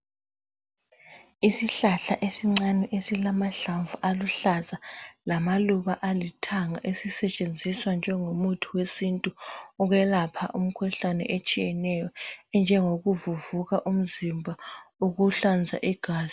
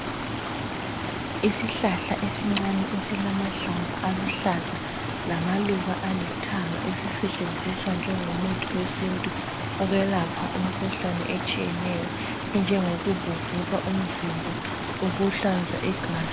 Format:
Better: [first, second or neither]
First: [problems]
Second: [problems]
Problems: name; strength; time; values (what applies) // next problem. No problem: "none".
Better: first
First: none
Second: background sound (Stream); 2 dB below the speech